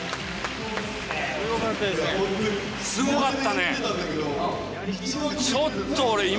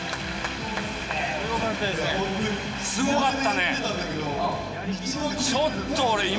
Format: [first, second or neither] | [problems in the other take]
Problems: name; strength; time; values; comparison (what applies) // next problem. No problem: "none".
first | background sound (Wind instrument, woodwind instrument); 20 dB below the speech // room echo; dies away in 0.4 s